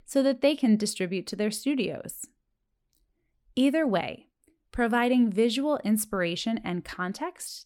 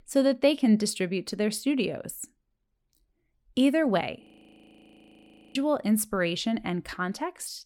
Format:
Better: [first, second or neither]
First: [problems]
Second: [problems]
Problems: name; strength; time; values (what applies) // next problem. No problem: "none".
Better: first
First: none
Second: audio freezing; at 4 s for 1.5 s